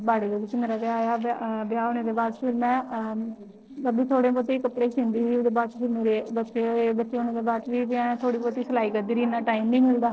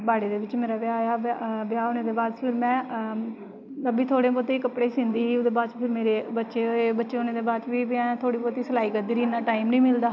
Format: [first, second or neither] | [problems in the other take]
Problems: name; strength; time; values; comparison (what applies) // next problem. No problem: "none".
second | noise reduction (neural separator model SepFormer DNS4)